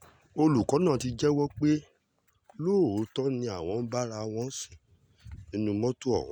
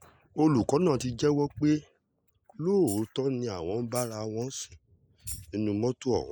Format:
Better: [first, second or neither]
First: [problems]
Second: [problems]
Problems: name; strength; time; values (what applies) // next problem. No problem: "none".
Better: first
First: none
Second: noise reduction (neural mask model Resemble Enhance denoiser)